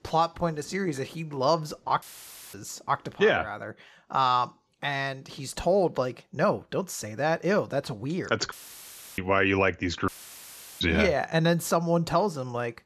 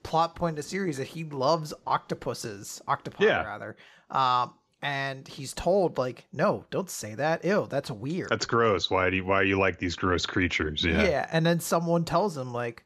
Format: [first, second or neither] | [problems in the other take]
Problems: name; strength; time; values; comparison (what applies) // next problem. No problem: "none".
second | audio cutting out; filled with static; at 2 s for 0.5 s, at 8.5 s for 0.5 s and at 10 s for 0.5 s